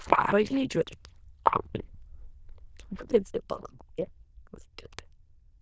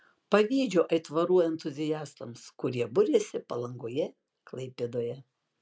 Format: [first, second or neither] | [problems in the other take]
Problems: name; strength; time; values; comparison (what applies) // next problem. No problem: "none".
second | noise reduction (neural diffusion model UNIVERSE++)